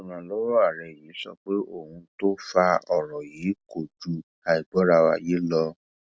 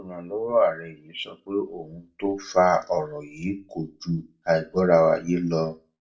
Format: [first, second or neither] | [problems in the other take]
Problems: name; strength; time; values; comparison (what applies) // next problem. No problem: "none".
first | room echo; dies away in 0.2 s